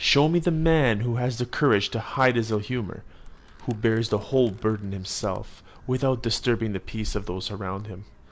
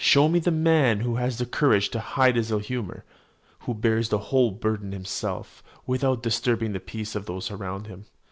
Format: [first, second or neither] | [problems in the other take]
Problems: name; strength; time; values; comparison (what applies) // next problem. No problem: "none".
second | background sound (Animal); 14 dB below the speech